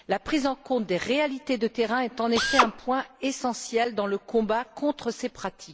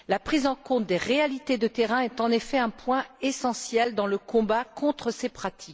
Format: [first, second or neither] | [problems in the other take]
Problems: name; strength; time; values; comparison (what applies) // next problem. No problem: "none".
second | background sound (Drill); 1 dB above the speech